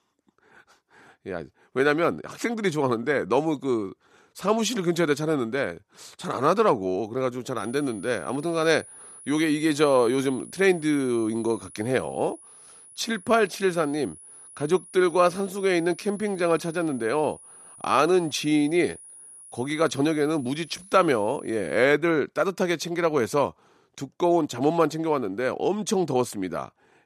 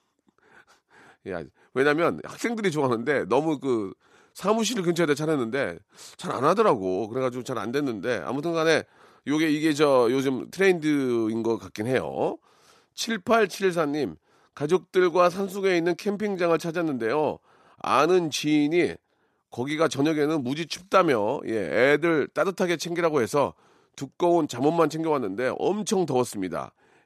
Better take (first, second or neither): second